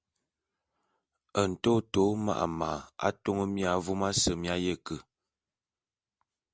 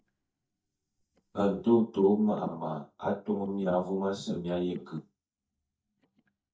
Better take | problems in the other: first | noise reduction (neural mask model DeepFilterNet 3)

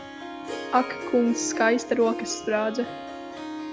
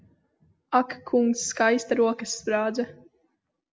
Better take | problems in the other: second | background sound (Harp); 8 dB below the speech

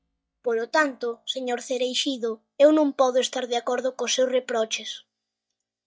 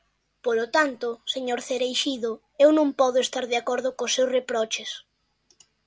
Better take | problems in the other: second | noise reduction (neural mask model DeepFilterNet 3)

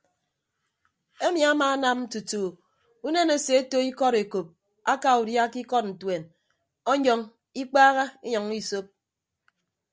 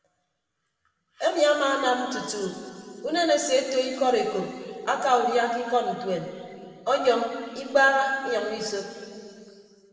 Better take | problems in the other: first | room echo; dies away in 2.6 s

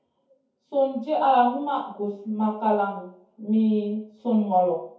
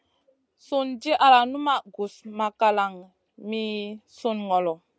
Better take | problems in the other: second | room echo; dies away in 0.6 s

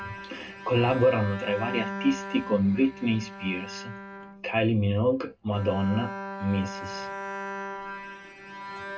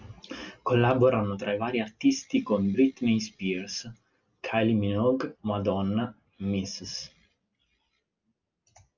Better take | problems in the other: second | background sound (Bowed string instrument); 10 dB below the speech // room echo; dies away in 0.2 s

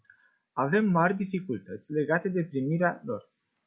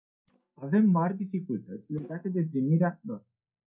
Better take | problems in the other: first | noise reduction (neural mask model DeepFilterNet 3)

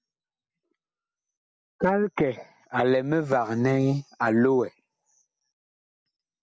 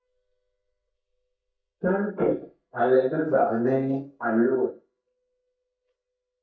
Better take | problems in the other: first | noise reduction (neural mask model DeepFilterNet 3)

